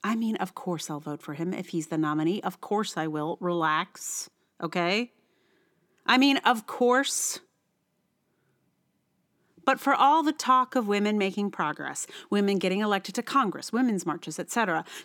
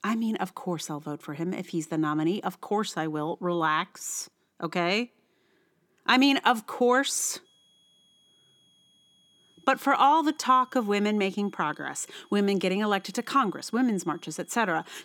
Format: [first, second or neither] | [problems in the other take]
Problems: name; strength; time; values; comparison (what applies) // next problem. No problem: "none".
first | high-pitched whine; faint; from 7.5 s on; 3.5 kHz, 35 dB below the speech